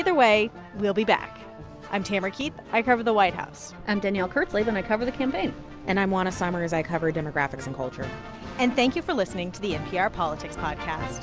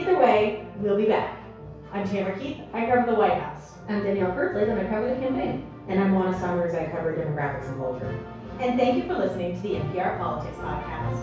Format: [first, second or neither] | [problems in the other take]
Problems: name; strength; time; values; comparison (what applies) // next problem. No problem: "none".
first | room echo; dies away in 0.6 s